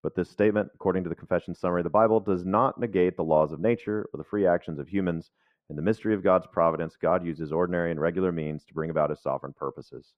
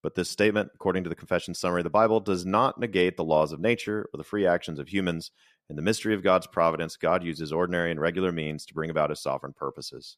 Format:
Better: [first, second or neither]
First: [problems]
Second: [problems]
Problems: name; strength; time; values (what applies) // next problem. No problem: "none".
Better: second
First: muffled; very; fading above 2.5 kHz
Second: none